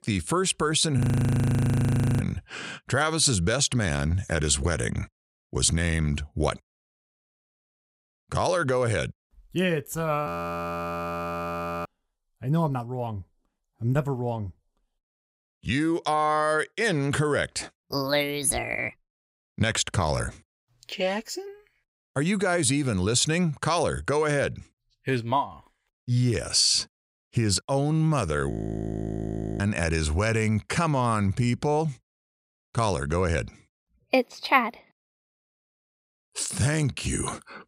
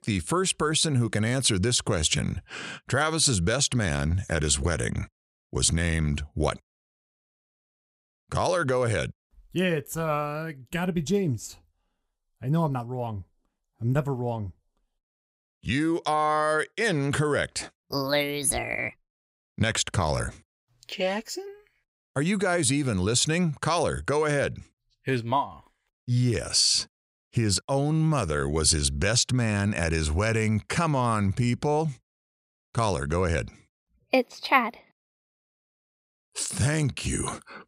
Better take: second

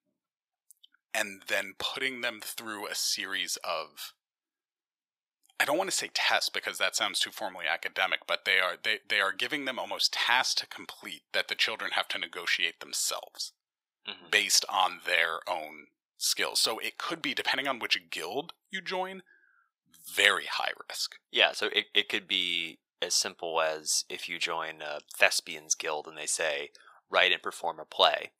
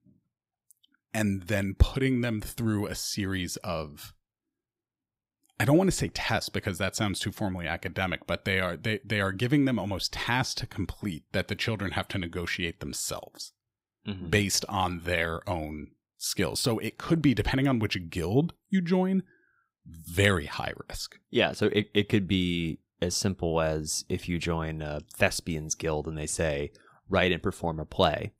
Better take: second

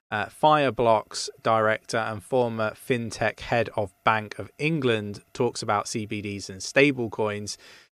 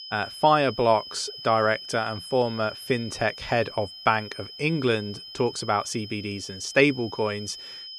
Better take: first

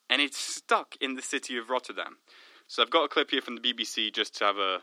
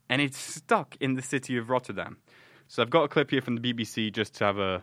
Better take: second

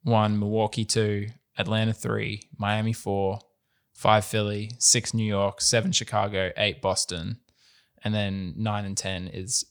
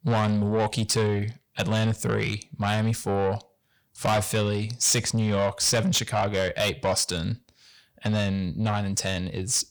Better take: first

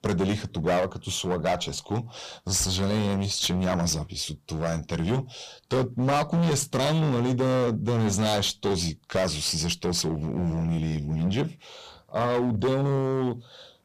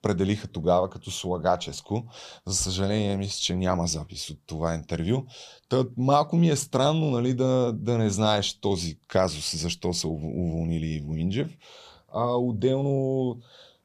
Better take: second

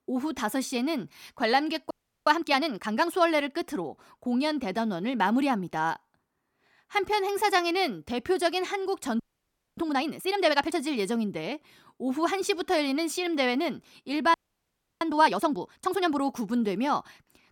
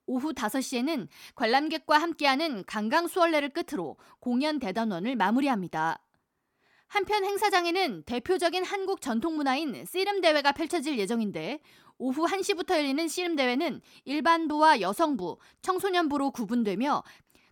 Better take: second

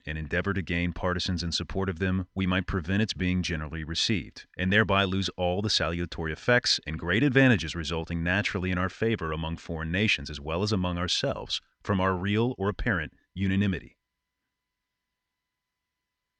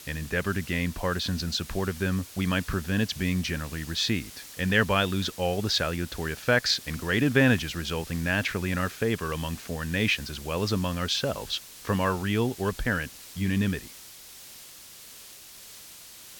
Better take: first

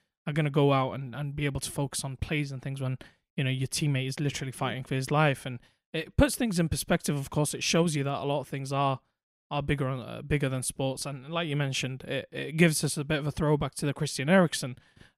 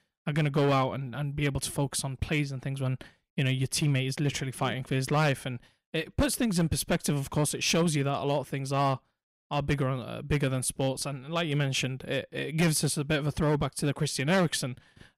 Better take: first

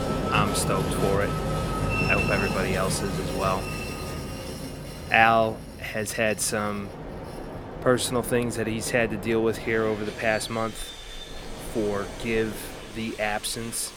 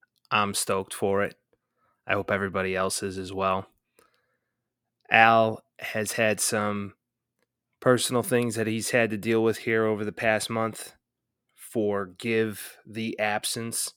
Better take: second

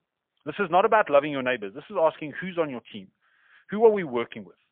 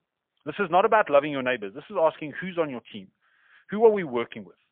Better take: neither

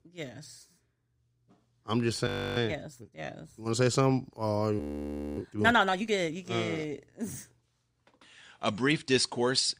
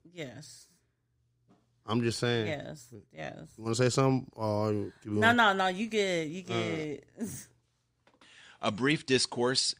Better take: second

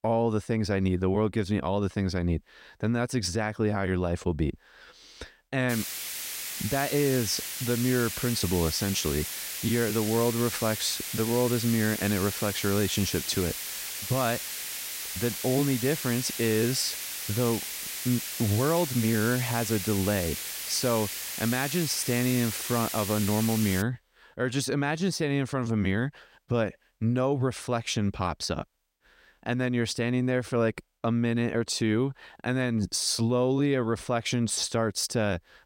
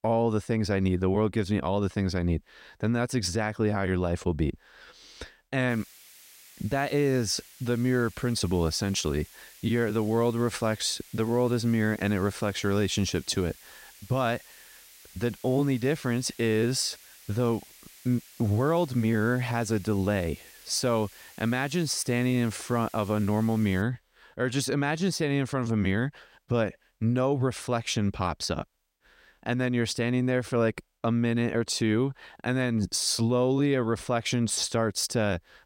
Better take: second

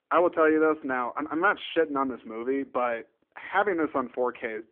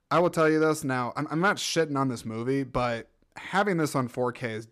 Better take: second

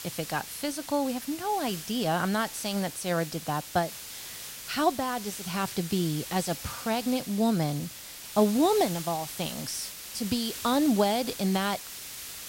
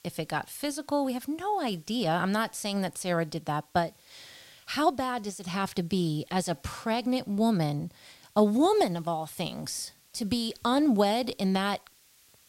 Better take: second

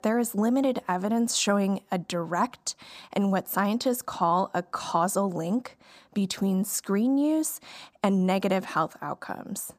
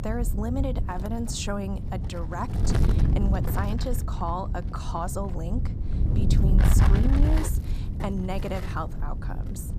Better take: first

